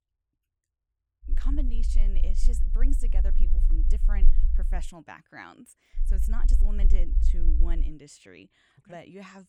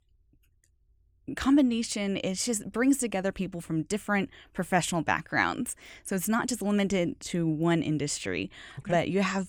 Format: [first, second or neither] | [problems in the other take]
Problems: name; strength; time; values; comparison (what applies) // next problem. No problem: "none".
second | low rumble; loud; from 1.5 to 5 s and from 6 to 8 s; 7 dB below the speech